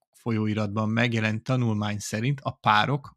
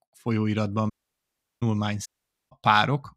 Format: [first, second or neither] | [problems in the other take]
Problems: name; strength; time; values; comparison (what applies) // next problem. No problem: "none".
first | audio cutting out; at 1 s for 0.5 s and at 2 s